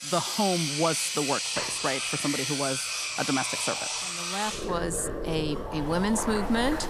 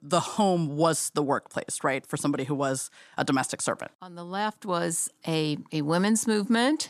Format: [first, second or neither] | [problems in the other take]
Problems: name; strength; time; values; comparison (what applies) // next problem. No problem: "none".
second | household noises; loud; throughout; as loud as the speech